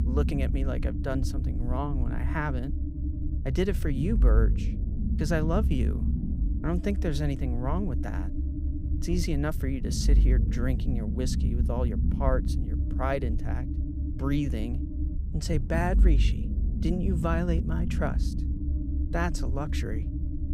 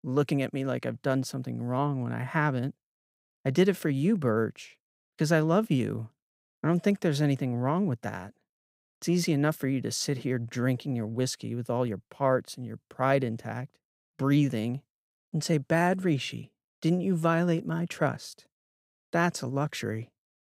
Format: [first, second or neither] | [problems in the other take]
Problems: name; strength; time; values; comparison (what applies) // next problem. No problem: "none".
second | low rumble; loud; throughout; 8 dB below the speech